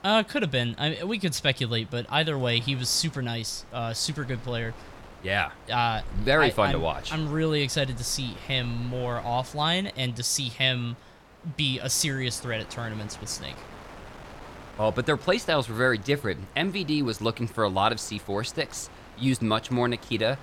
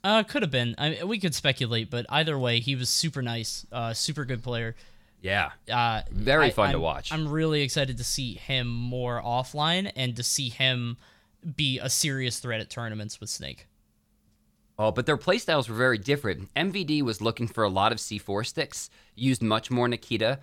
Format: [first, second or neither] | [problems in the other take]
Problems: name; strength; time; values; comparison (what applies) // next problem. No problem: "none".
second | wind noise on the microphone; occasional gusts; 20 dB below the speech